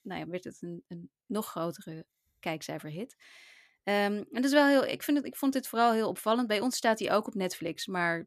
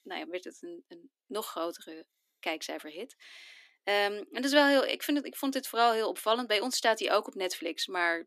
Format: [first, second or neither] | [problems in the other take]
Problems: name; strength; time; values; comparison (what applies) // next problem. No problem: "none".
first | thin; very slightly; fading below 300 Hz